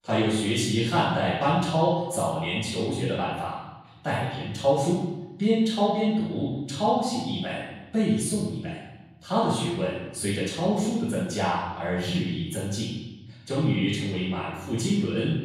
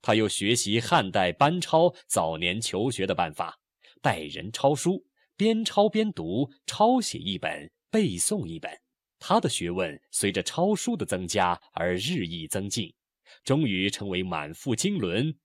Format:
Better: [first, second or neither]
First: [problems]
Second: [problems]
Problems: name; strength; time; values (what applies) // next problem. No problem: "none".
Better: second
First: room echo; strong; dies away in 1.1 s // off-mic speech; far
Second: none